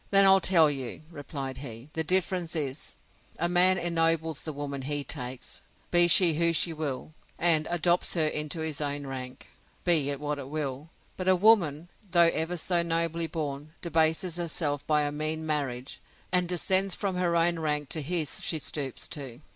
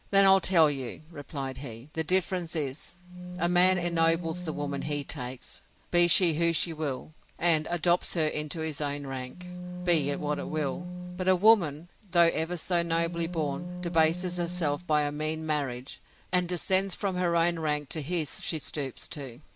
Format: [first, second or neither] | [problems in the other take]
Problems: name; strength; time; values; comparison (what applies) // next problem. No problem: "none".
first | background sound (Wind instrument, woodwind instrument); 9 dB below the speech